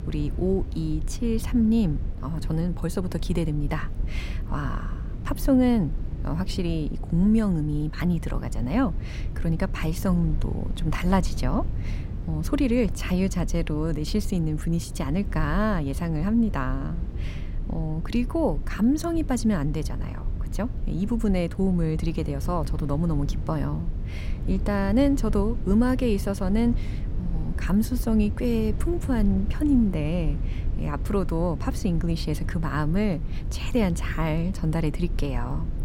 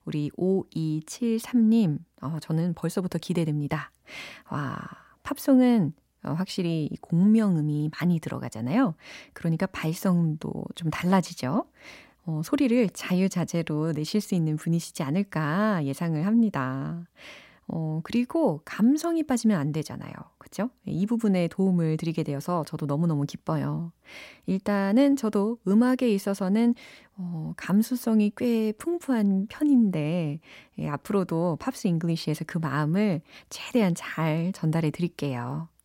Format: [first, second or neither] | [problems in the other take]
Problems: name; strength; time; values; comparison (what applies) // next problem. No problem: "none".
second | low rumble; noticeable; throughout; 15 dB below the speech